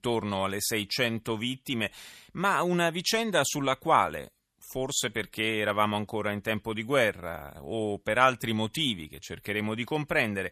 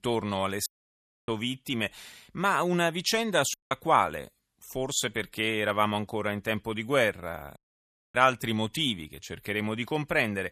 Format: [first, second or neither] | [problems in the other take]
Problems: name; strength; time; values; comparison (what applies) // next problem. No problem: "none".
first | audio cutting out; at 0.5 s for 0.5 s, at 3.5 s and at 7.5 s for 0.5 s